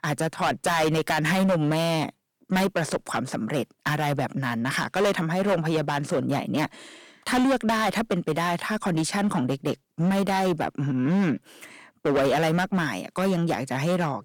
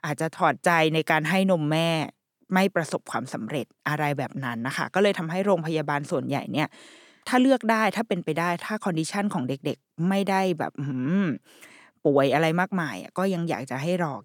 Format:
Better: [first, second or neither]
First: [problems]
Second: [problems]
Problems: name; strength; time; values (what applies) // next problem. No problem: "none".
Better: second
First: distortion; heavy; 13% of the sound clipped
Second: none